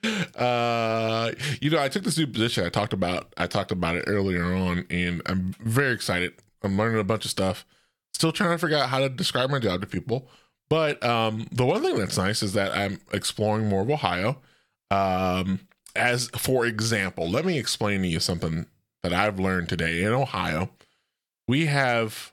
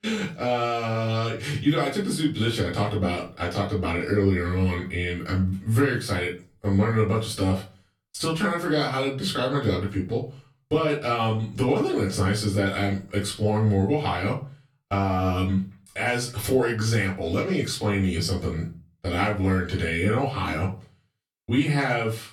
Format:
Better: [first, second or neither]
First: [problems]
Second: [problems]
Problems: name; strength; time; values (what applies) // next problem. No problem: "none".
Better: first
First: none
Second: off-mic speech; far // room echo; slight; dies away in 0.3 s